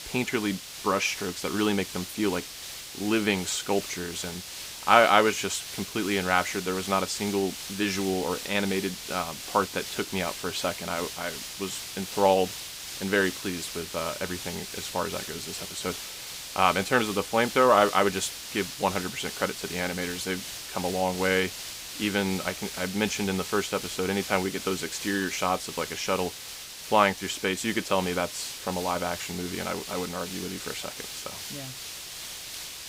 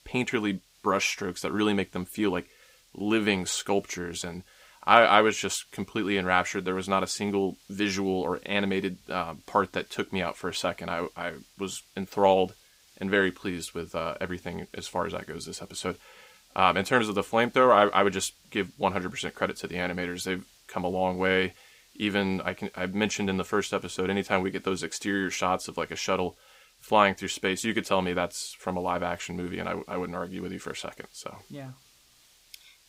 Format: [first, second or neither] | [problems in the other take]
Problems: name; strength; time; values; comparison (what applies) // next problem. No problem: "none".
second | hiss; loud; throughout; 8 dB below the speech; faint in the second